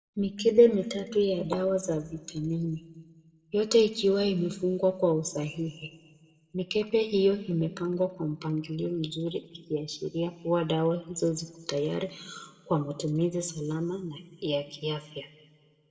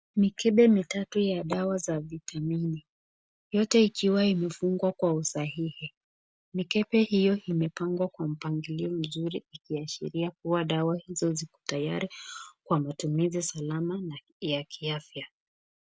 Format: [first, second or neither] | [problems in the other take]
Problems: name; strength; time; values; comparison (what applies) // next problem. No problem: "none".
second | room echo; dies away in 1.2 s